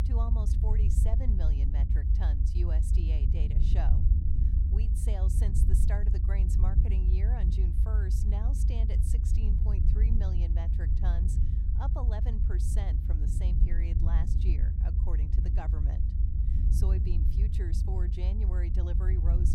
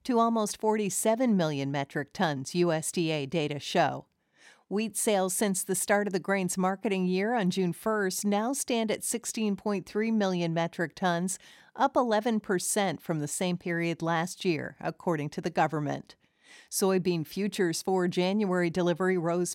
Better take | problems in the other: second | low rumble; loud; throughout; as loud as the speech

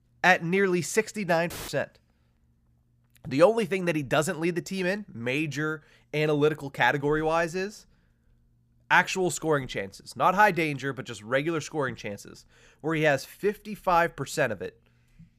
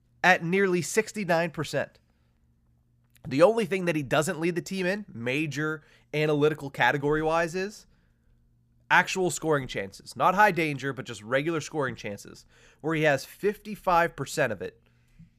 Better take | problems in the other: second | audio cutting out; filled with static; at 1.5 s

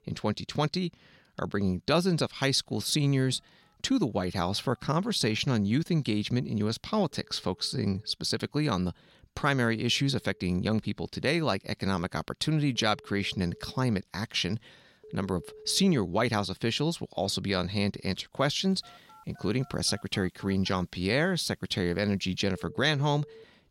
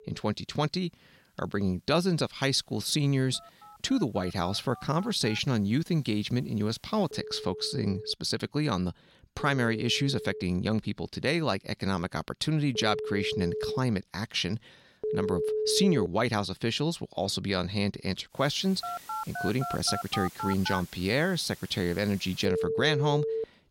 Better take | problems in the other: first | alarms or sirens; loud; throughout; 6 dB below the speech; faint in the first

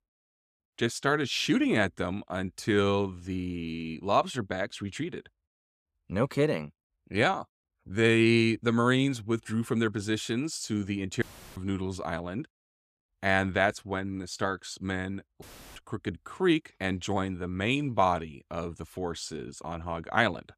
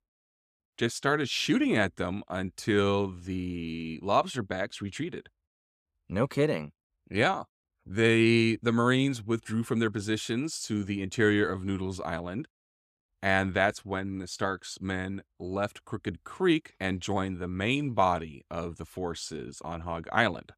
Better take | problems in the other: second | audio cutting out; filled with static; at 11 s and at 15 s

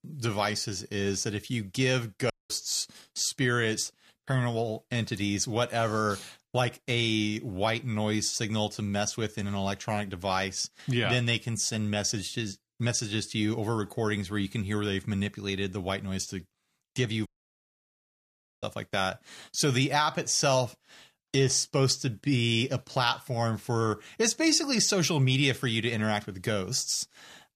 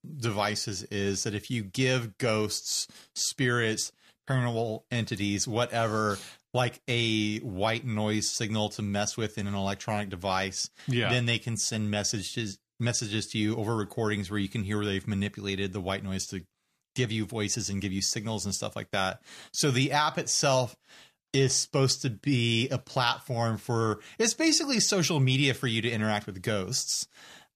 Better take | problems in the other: second | audio cutting out; at 2.5 s and at 17 s for 1.5 s

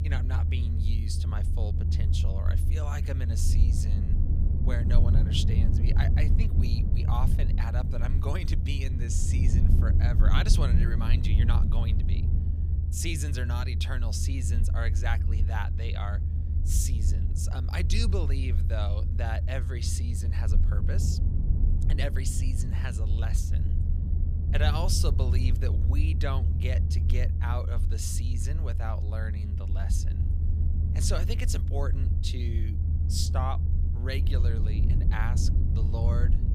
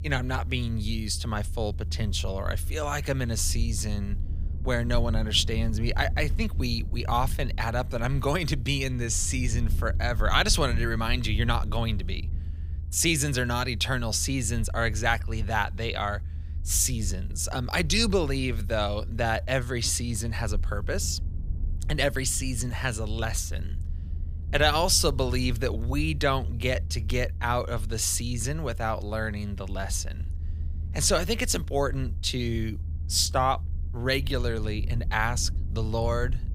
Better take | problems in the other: second | low rumble; loud; throughout; 5 dB below the speech; faint in the second

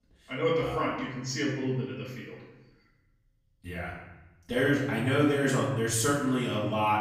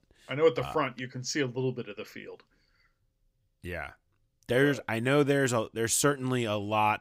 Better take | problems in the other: second | off-mic speech; far // room echo; noticeable; dies away in 1 s

